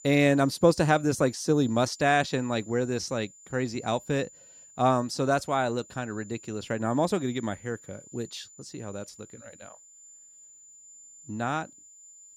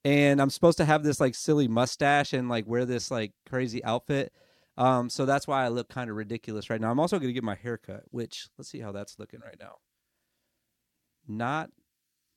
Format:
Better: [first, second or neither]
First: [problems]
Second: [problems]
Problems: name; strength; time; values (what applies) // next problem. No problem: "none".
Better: second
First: high-pitched whine; faint; throughout; 7 kHz, 20 dB below the speech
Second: none